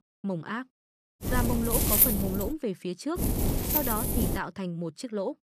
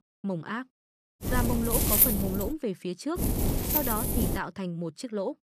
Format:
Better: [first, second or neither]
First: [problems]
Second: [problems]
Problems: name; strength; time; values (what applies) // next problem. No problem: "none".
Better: neither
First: wind noise on the microphone; heavy; from 1 to 2.5 s and from 3 to 4.5 s; 2 dB above the speech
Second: wind noise on the microphone; heavy; from 1 to 2.5 s and from 3 to 4.5 s; 2 dB above the speech